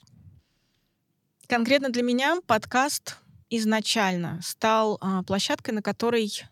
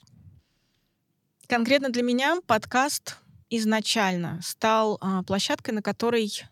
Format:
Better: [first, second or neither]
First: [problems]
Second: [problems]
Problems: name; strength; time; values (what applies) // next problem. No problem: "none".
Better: neither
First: none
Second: none